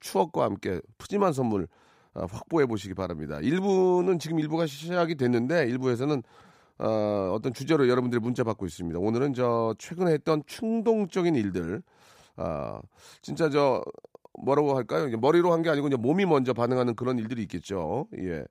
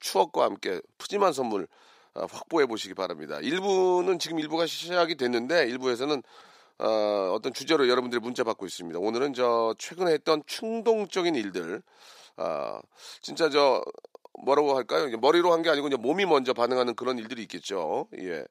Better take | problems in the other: first | thin; somewhat; fading below 400 Hz

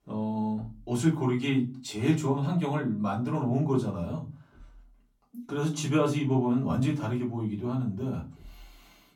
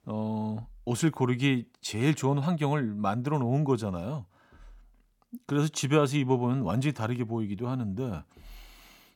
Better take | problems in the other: second | off-mic speech; far // room echo; very slight; dies away in 0.3 s

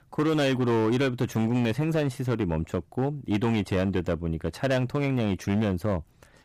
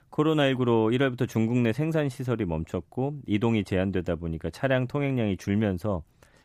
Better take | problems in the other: second | distortion; slight; 11% of the sound clipped

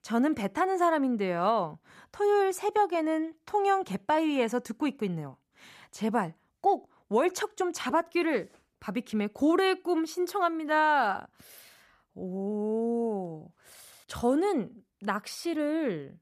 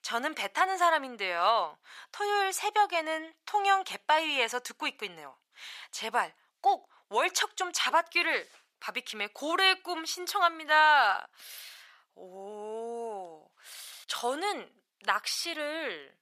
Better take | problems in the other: first | thin; very; fading below 850 Hz

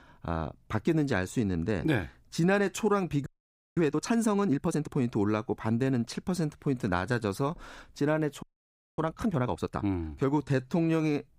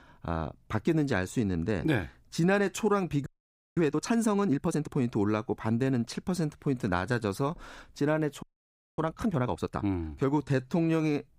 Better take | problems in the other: neither | audio freezing; at 3.5 s for 0.5 s and at 8.5 s for 0.5 s; the same in both

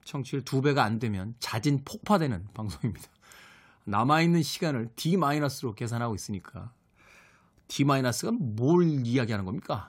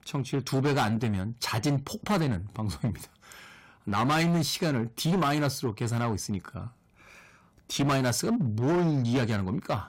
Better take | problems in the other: first | distortion; heavy; 13% of the sound clipped

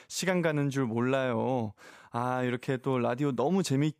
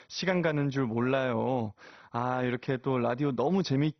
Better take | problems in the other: first | garbled, watery; badly; nothing above 6 kHz

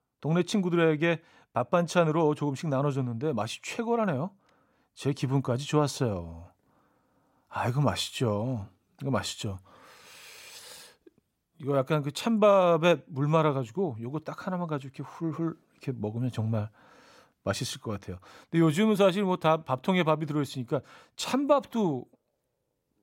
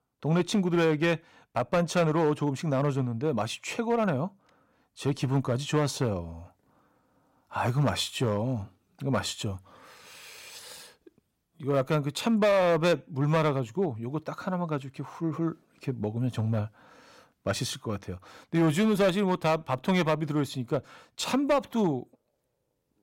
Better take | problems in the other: first | distortion; slight; 3% of the sound clipped

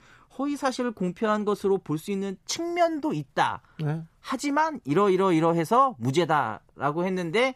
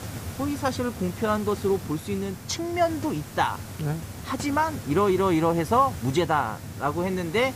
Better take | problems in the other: first | hiss; noticeable; throughout; 10 dB below the speech

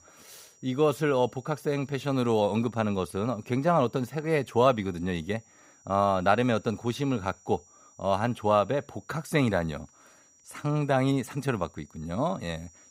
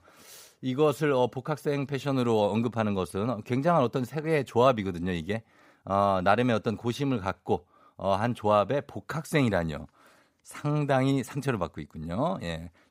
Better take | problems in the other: second | high-pitched whine; faint; throughout; 6 kHz, 30 dB below the speech

